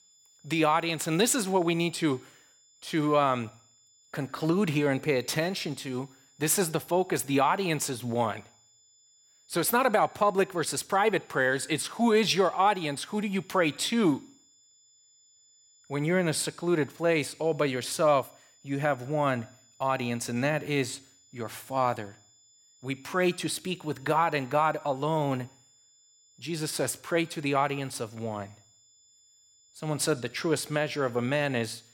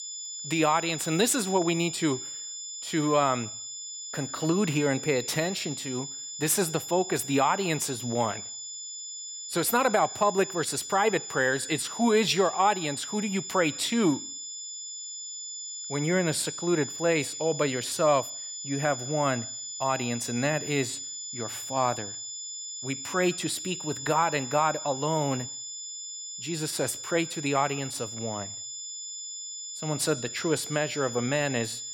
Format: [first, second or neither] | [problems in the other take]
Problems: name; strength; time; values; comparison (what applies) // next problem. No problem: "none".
first | high-pitched whine; loud; throughout; 7 kHz, 8 dB below the speech; faint in the first